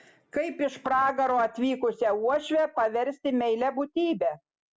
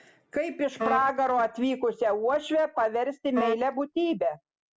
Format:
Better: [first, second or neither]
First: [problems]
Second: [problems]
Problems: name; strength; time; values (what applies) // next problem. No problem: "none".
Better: first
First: none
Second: background sound (Wind instrument, woodwind instrument); 7 dB below the speech